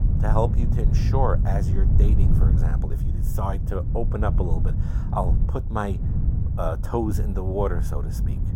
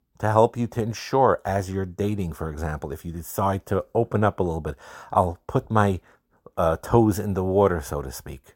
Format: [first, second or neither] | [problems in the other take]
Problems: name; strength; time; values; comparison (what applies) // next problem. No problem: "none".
second | wind noise on the microphone; heavy; 8 dB below the speech